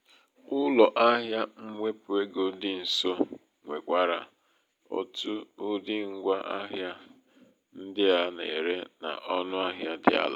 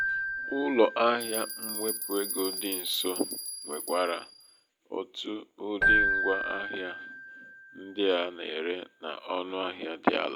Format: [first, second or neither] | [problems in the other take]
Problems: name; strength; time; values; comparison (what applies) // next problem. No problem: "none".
first | background sound (Keyboard (musical) + Bell); 2 dB below the speech